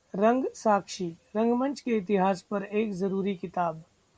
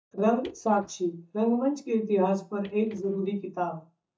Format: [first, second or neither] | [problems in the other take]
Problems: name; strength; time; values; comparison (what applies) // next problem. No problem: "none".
first | noise reduction (neural mask model DeepFilterNet 3)